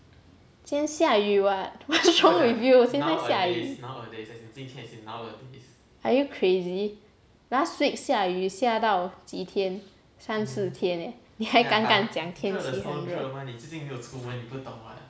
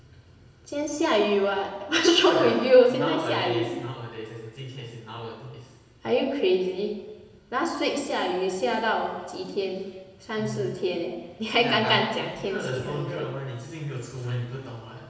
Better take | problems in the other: first | room echo; dies away in 1.3 s

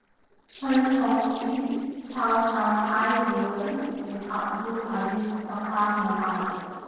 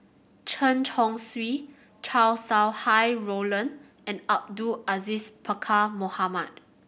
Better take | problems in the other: second | noise reduction (neural separator model SepFormer DNS4)

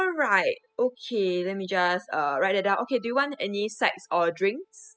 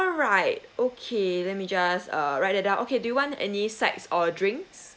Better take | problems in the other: second | noise reduction (classical method spectral subtraction)

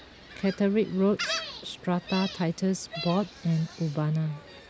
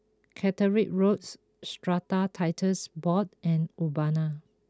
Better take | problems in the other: second | background sound (Gull, seagull); 11 dB below the speech

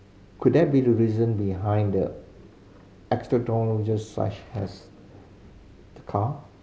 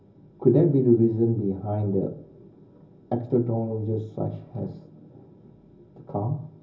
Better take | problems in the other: first | room echo; dies away in 0.4 s

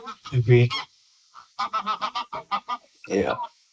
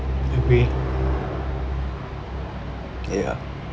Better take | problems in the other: second | noise reduction (neural mask model Resemble Enhance denoiser)

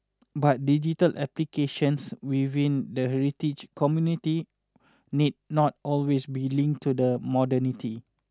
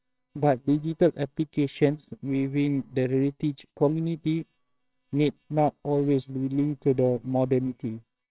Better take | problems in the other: first | noise reduction (neural separator model SepFormer WHAMR!)

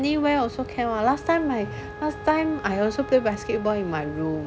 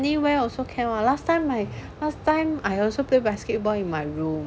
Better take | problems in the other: second | background sound (Wind instrument, woodwind instrument); 15 dB below the speech

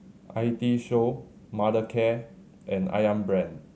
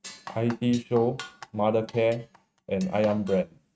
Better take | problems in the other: first | noise reduction (neural mask model RNNoise)

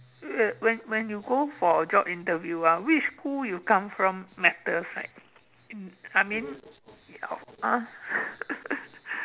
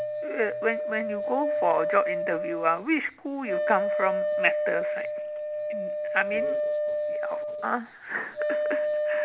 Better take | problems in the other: first | background sound (Wind instrument, woodwind instrument); 1 dB above the speech

